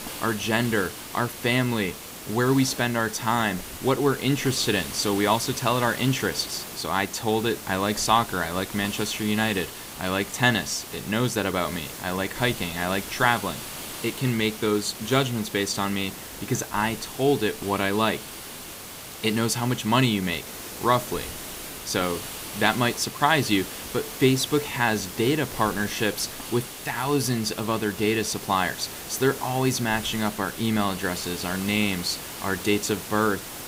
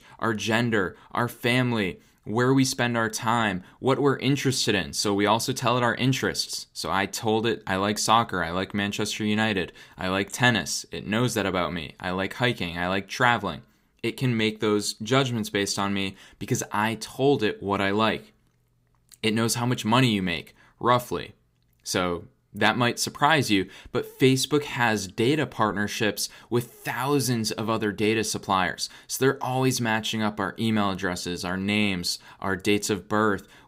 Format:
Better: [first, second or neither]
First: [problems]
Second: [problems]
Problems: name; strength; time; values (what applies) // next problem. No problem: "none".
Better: second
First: hiss; noticeable; throughout; 10 dB below the speech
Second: none